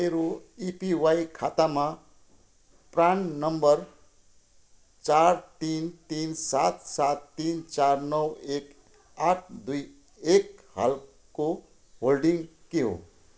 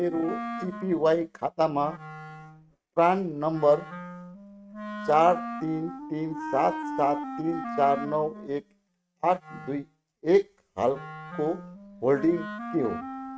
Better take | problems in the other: first | noise reduction (neural mask model RNNoise)

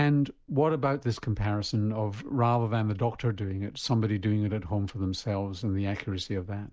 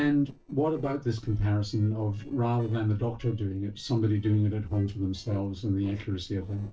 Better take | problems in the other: first | noise reduction (neural separator model SepFormer DNS4)

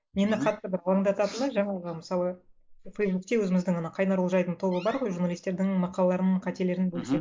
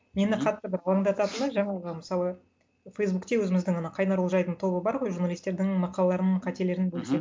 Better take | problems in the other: second | noise reduction (neural mask model Resemble Enhance denoiser)

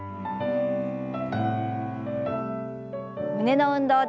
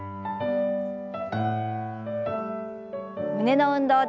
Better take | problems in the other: second | background sound (Bowed string instrument); 10 dB below the speech

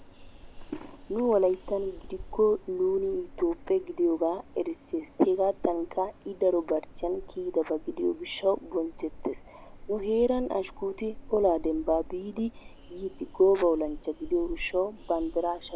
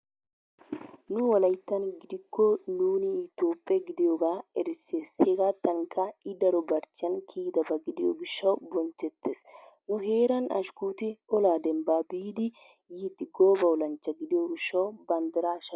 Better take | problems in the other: second | background sound (Train); 15 dB below the speech

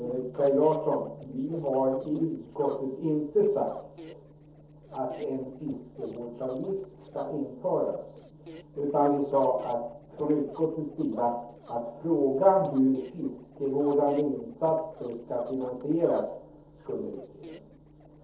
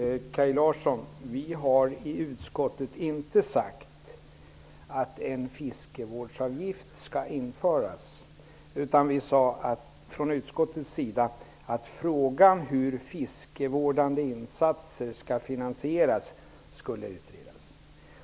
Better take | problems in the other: second | noise reduction (neural separator model SepFormer DNS4)

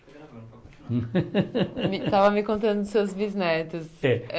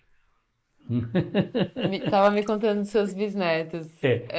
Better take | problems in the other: first | noise reduction (neural mask model Resemble Enhance denoiser)

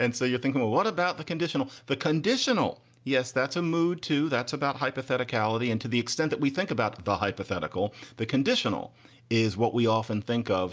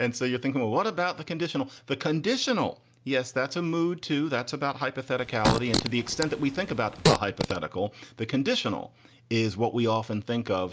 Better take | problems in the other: first | background sound (Fart); 1 dB below the speech

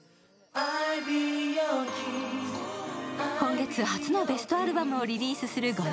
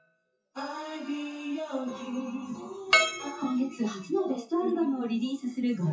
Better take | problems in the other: first | noise reduction (classical method WPE with log-MMSE)

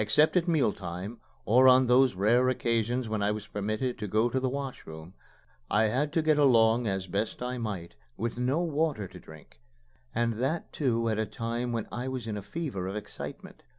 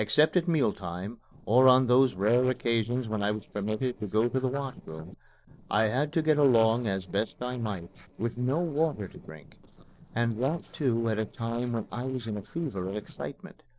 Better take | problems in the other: first | noise reduction (neural separator model SepFormer DNS4)

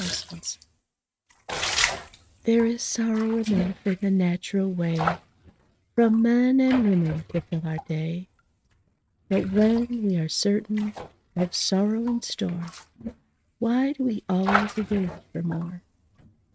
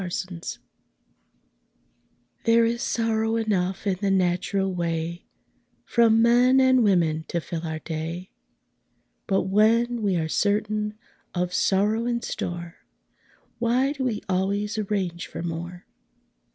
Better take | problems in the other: second | noise reduction (neural mask model RNNoise)

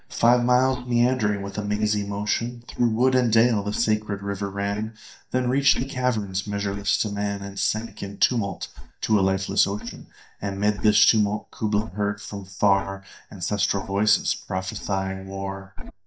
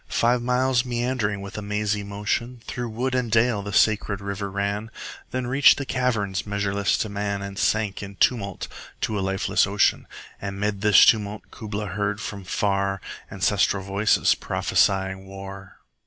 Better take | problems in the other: second | noise reduction (neural mask model DeepFilterNet 3)

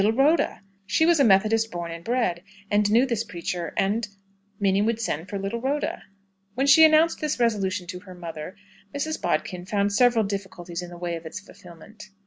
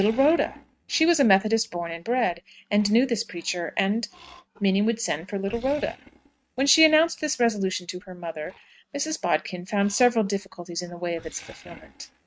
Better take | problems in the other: first | noise reduction (neural mask model RNNoise)

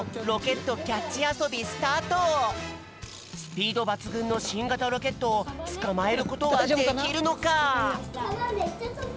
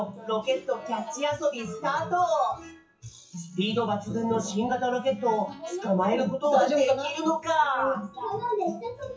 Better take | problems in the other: first | noise reduction (classical method WPE with log-MMSE)

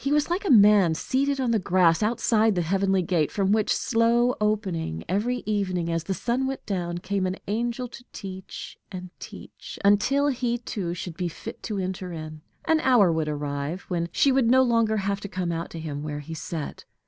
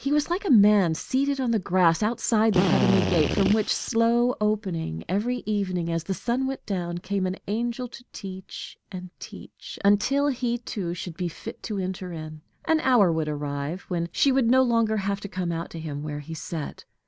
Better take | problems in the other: first | background sound (Drill); 1 dB below the speech

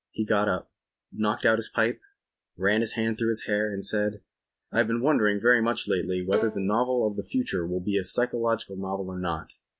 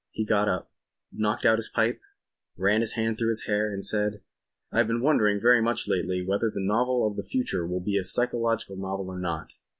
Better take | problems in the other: second | noise reduction (neural mask model RNNoise)

